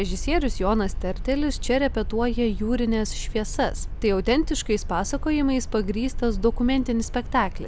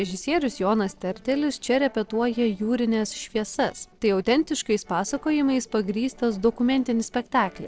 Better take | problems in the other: first | noise reduction (neural separator model SepFormer DNS4)

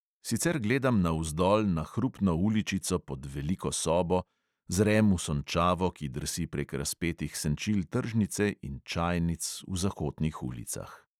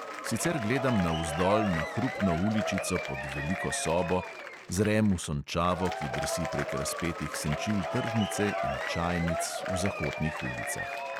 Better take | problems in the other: first | background sound (Applause / Crowd / Cheering); 4 dB below the speech

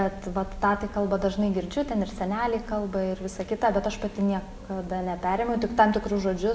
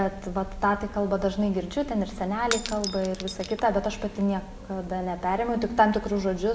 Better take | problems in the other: first | background sound (Shatter / Crushing); 13 dB below the speech

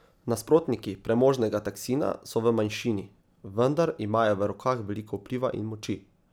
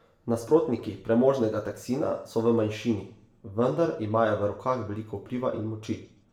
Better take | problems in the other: first | room echo; dies away in 0.6 s

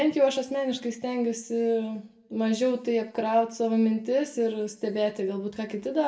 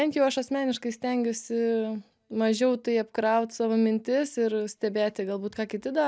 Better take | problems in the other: second | room echo; dies away in 0.4 s

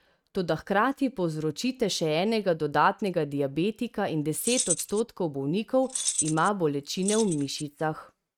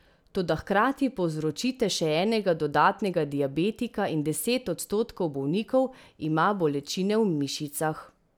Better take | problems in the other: second | noise reduction (neural mask model RNNoise)

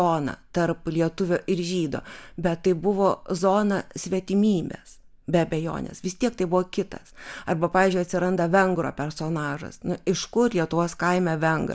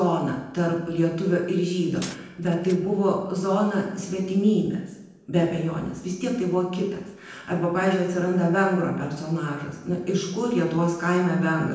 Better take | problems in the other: first | background sound (Glass); 18 dB below the speech // room echo; dies away in 0.9 s

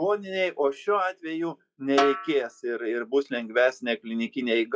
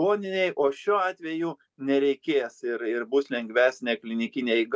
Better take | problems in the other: second | noise reduction (classical method log-MMSE)

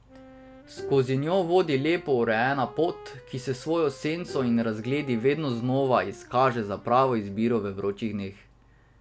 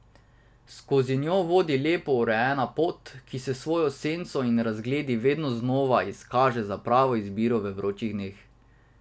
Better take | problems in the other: second | background sound (Wind instrument, woodwind instrument + Bowed string instrument); 19 dB below the speech

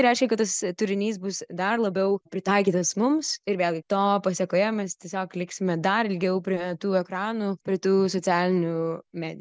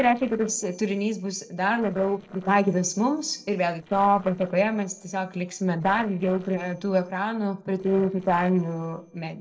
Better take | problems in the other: first | noise reduction (neural separator model SepFormer DNS4)

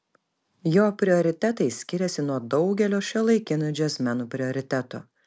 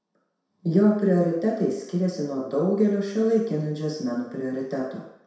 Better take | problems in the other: first | room echo; dies away in 0.7 s

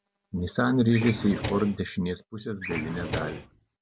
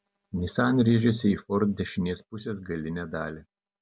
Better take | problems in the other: second | background sound (Drawer open or close); 8 dB below the speech

